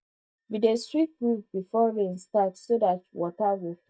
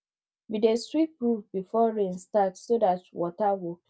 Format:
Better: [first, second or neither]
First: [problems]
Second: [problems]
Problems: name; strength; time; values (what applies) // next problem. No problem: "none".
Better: second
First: noise reduction (neural mask model DeepFilterNet 3)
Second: none